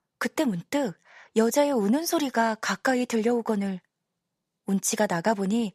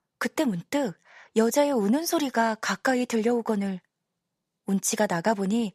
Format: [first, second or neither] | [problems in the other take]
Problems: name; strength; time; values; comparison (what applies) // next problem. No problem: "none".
neither | none